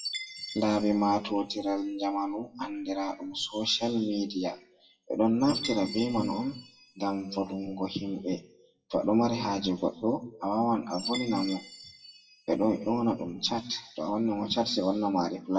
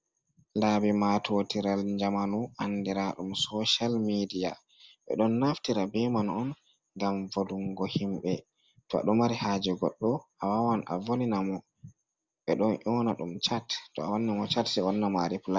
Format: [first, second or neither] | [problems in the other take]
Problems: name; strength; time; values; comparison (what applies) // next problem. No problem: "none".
second | noise reduction (classical method WPE with log-MMSE)